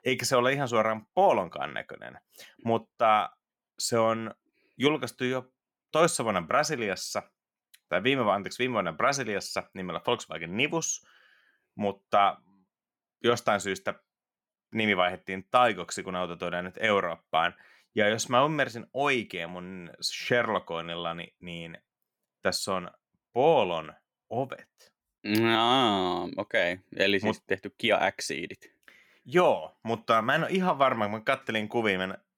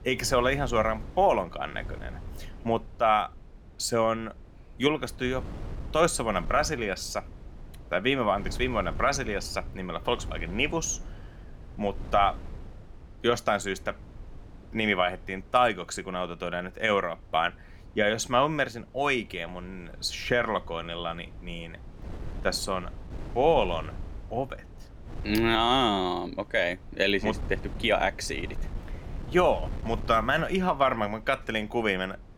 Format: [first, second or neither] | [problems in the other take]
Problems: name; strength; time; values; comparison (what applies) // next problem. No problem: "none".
first | wind noise on the microphone; occasional gusts; 25 dB below the speech